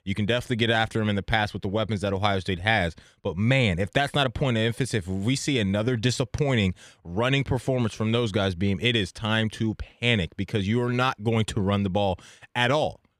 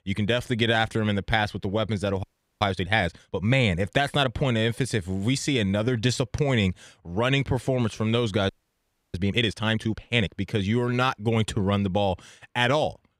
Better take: first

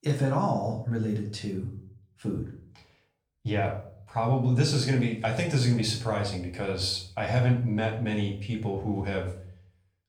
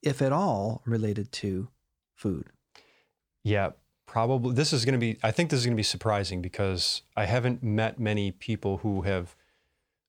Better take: second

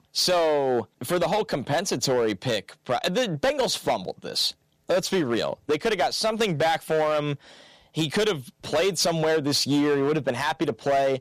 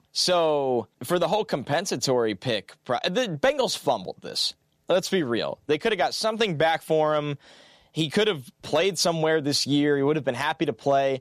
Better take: second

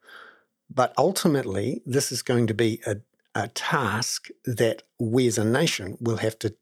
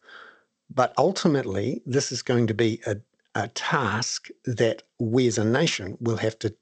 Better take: first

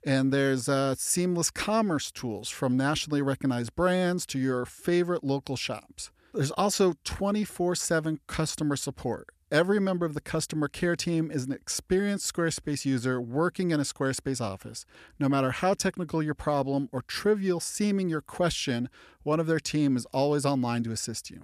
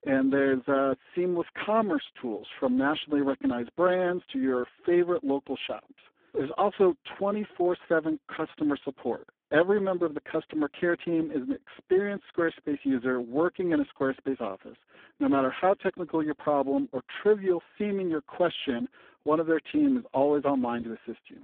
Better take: first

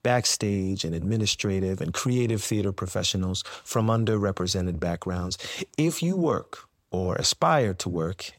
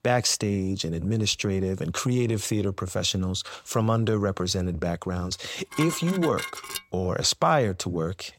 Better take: first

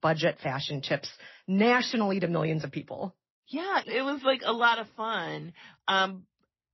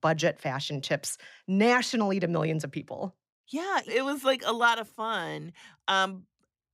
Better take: second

